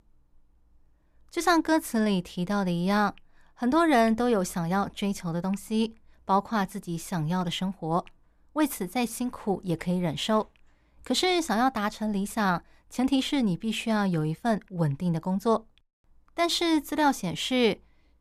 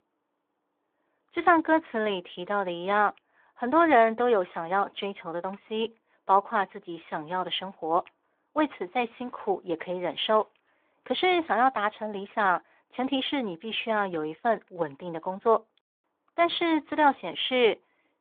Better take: first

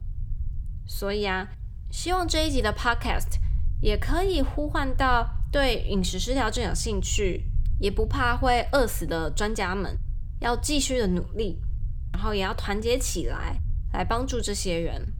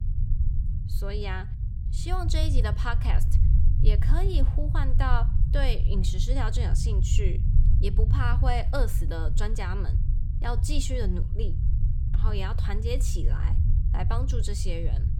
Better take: first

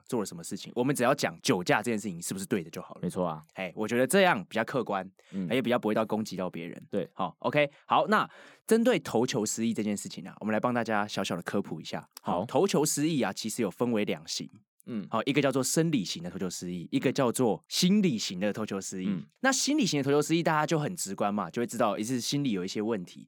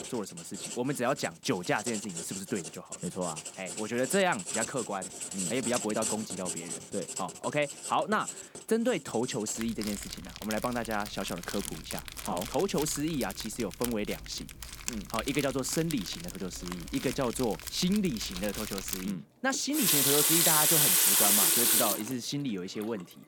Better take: first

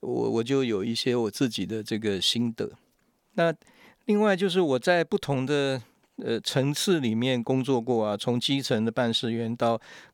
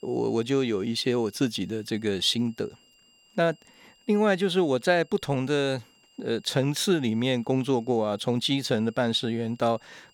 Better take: first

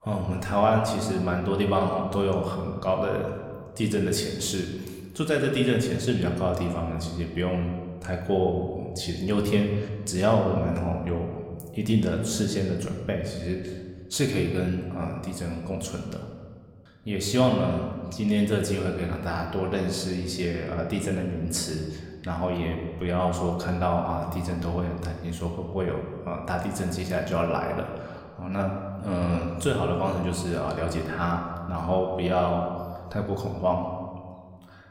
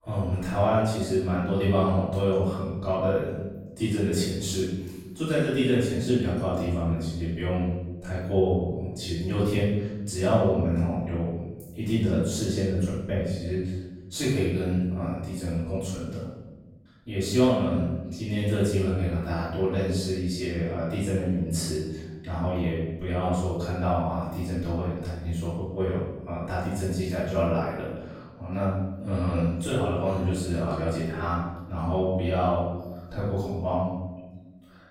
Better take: first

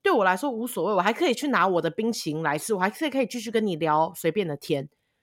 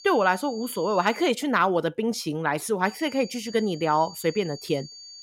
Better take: first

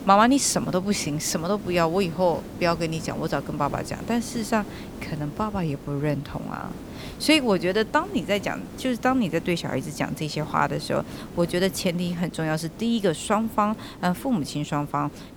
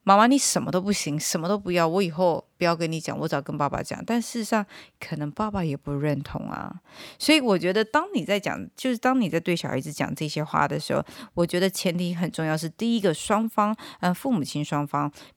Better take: second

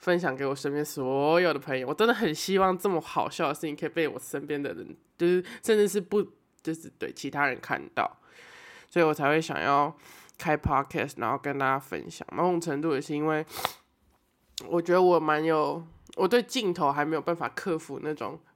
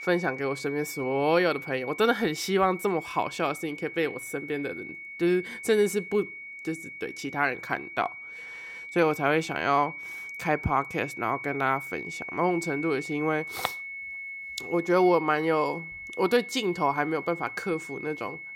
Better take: first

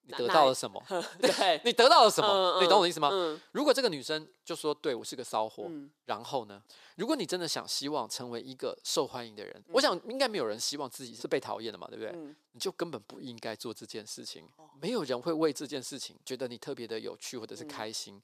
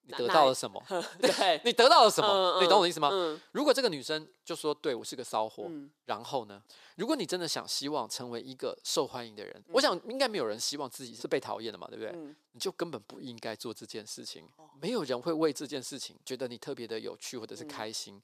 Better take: neither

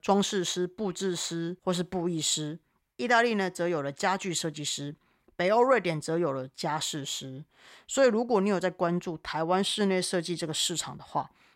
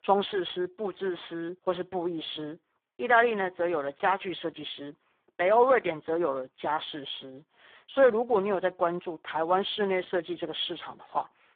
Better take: first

